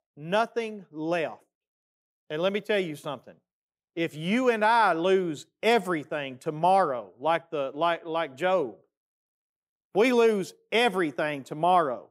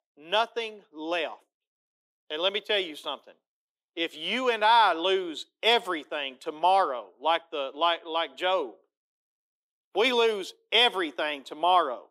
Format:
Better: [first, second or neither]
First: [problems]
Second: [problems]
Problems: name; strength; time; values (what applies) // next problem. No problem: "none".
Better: first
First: none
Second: thin; somewhat; fading below 300 Hz